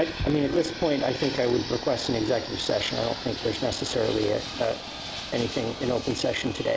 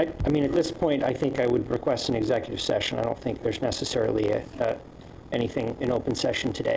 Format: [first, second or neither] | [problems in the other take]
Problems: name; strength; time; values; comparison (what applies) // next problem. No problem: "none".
second | background sound (Fixed-wing aircraft, airplane); 10 dB below the speech